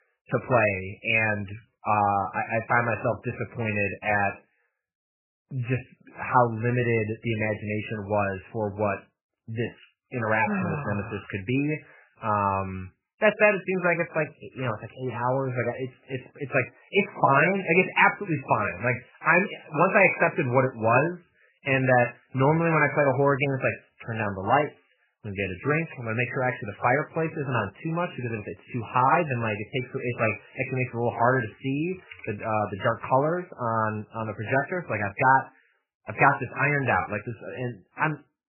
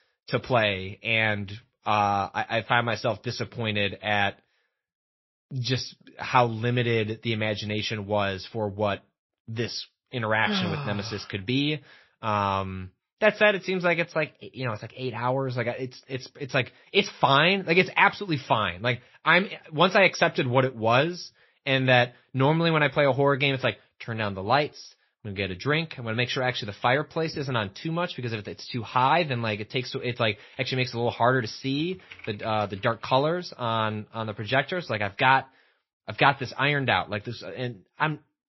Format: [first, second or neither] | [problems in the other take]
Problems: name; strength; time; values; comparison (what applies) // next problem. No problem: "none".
second | garbled, watery; badly; nothing above 2.5 kHz; slightly in the second